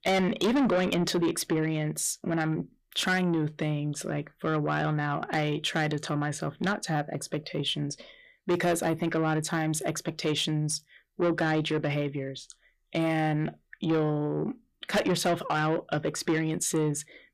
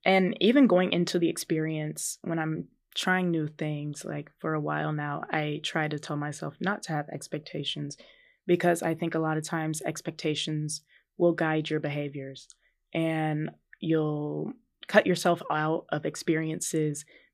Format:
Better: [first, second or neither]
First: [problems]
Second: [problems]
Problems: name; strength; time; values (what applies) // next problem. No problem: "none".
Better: second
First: distortion; heavy; 7 dB below the speech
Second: none